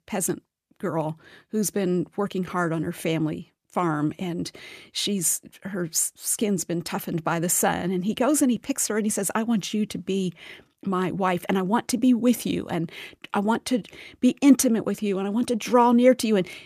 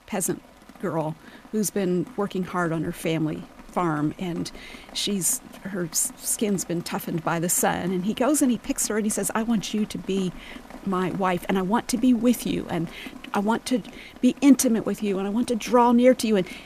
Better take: first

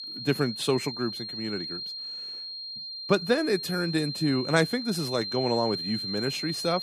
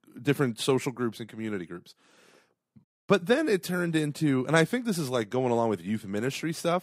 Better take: second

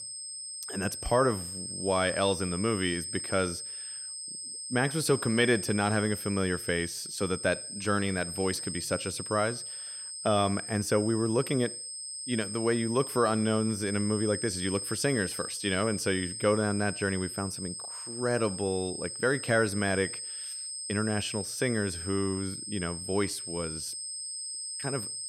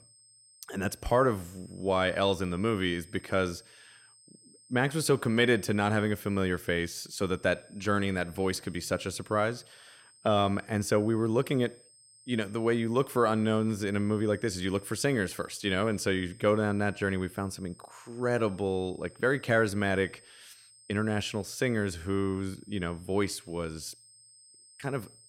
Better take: second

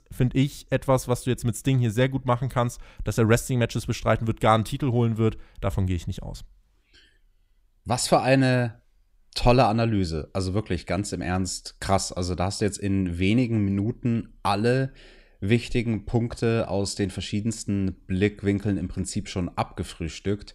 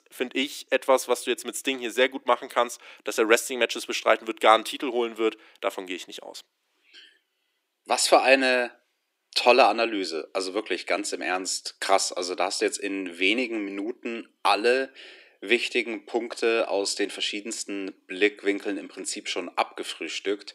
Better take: first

